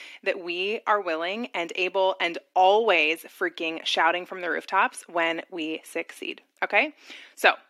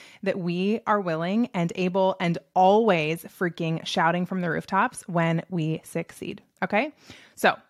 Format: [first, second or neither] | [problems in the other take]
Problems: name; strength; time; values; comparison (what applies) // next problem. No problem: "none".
second | thin; very; fading below 300 Hz